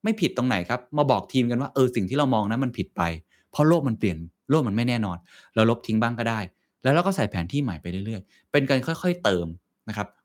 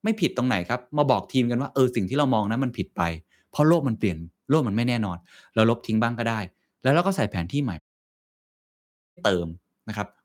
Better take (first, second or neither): first